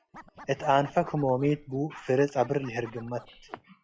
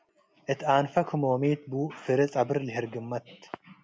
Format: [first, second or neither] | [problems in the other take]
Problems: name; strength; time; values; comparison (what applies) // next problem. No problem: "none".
second | noise reduction (classical method log-MMSE)